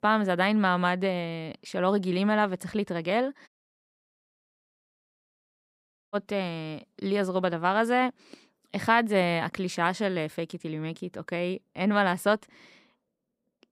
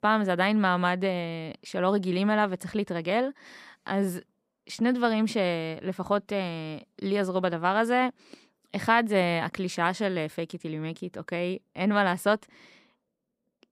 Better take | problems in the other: second | audio cutting out; at 3.5 s for 2.5 s

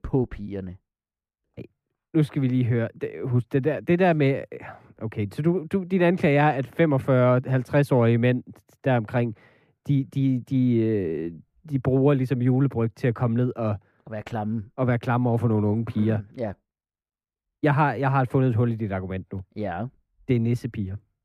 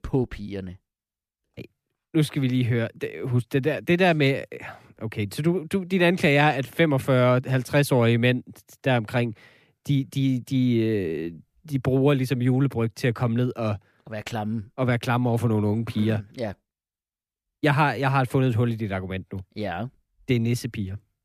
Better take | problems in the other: second | muffled; slightly; fading above 2.5 kHz

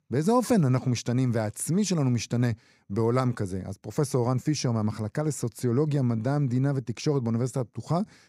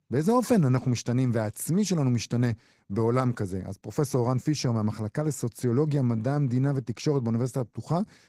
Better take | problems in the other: first | garbled, watery; slightly; nothing above 15.5 kHz

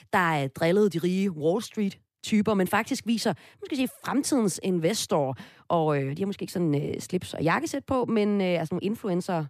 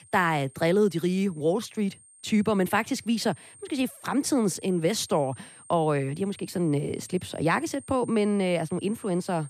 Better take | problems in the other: first | high-pitched whine; faint; throughout; 8.5 kHz, 20 dB below the speech

